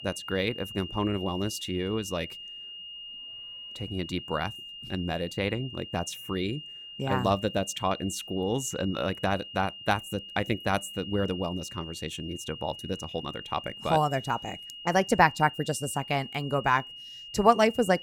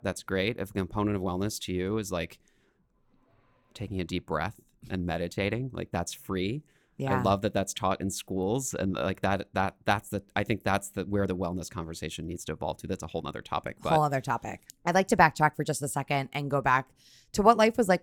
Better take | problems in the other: second | high-pitched whine; noticeable; throughout; 3 kHz, 10 dB below the speech

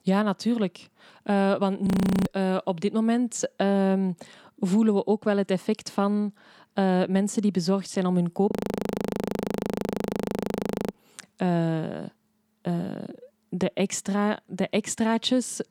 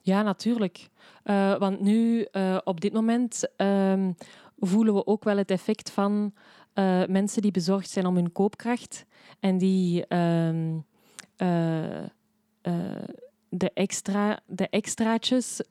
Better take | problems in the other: second | audio freezing; at 2 s and at 8.5 s for 2.5 s

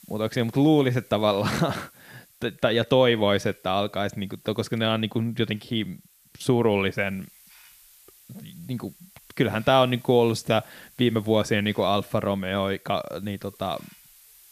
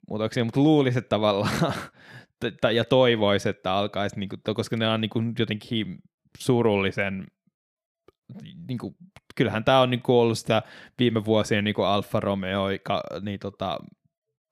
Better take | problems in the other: second | hiss; faint; throughout; 25 dB below the speech

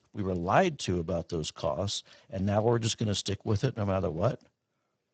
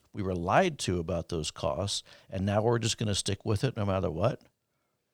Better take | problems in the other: second | garbled, watery; badly; nothing above 8 kHz

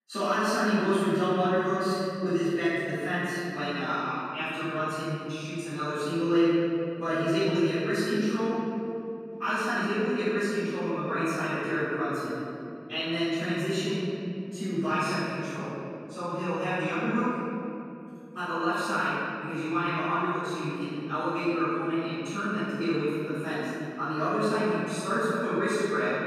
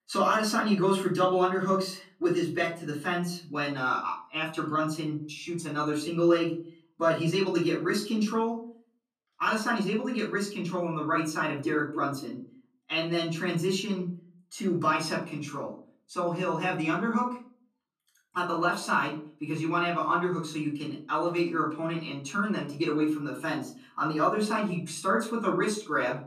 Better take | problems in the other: second | room echo; strong; dies away in 2.9 s; slight in the second // off-mic speech; far; far in the second

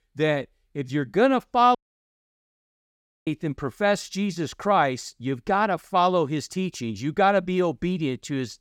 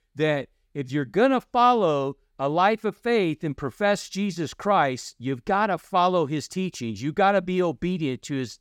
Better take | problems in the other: second | audio cutting out; at 2 s for 1.5 s

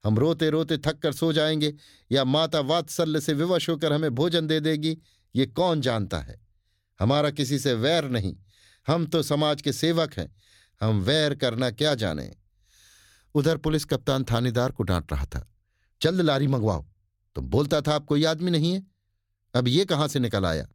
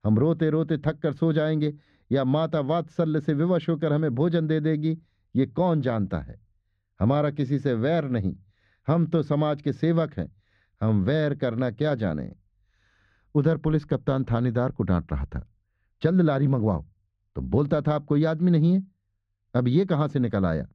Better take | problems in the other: first | muffled; very; fading above 1.5 kHz

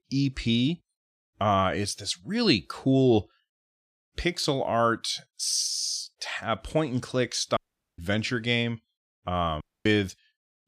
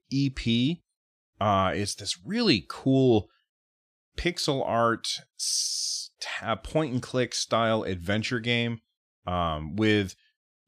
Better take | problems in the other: second | audio cutting out; at 7.5 s and at 9.5 s

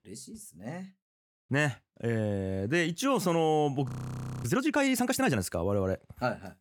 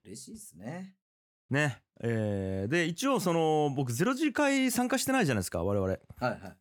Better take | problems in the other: second | audio freezing; at 4 s for 0.5 s

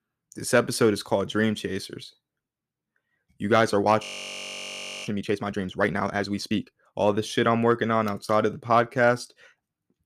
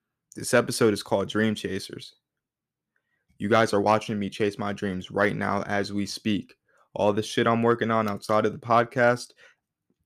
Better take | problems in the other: second | audio freezing; at 4 s for 1 s

